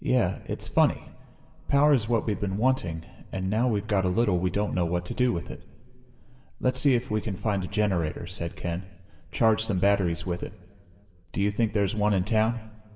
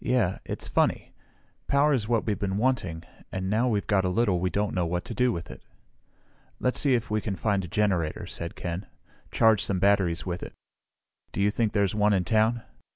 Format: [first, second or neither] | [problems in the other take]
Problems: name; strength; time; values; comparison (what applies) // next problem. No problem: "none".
second | room echo; dies away in 2.9 s